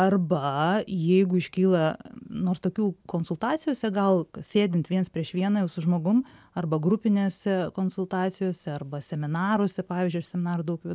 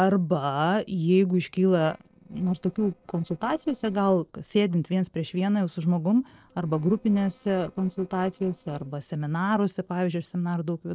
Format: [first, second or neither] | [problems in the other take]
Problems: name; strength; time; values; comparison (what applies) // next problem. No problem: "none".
first | noise reduction (neural separator model SepFormer DNS4)